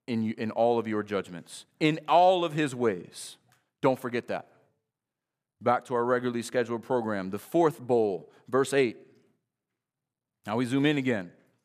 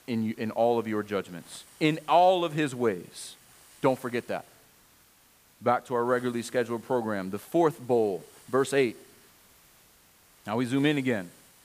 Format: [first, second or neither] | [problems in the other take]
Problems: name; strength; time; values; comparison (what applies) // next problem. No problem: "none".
first | hiss; faint; throughout; 25 dB below the speech